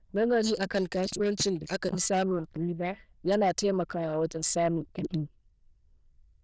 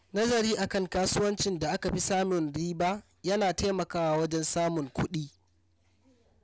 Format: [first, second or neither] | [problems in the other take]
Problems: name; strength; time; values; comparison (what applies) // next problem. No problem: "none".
second | noise reduction (neural diffusion model UNIVERSE++)